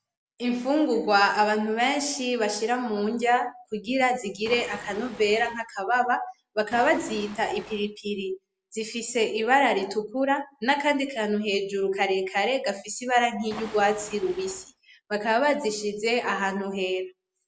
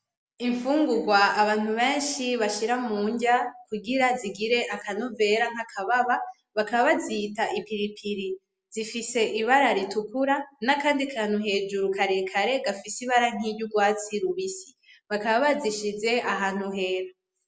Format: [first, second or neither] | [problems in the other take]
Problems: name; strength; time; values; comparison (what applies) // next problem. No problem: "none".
second | background sound (Waves, surf); 16 dB below the speech